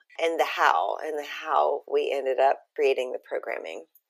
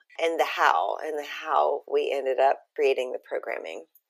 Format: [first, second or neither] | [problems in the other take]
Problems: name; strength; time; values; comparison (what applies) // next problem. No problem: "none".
neither | thin; very; fading below 400 Hz; the same in both